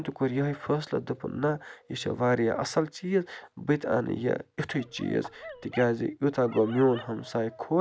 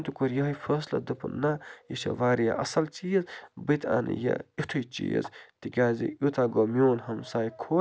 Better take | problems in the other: second | background sound (Dog); 18 dB below the speech

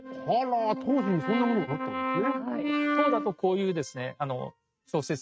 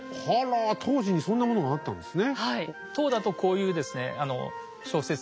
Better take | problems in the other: second | noise reduction (neural mask model RNNoise)

